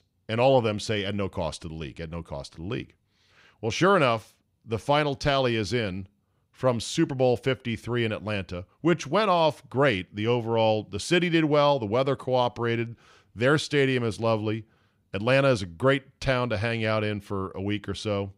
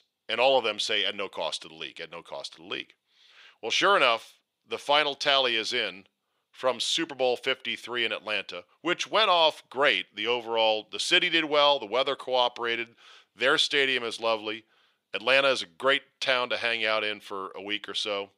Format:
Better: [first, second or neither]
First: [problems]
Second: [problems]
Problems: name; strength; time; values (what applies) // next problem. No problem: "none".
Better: first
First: none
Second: thin; very; fading below 500 Hz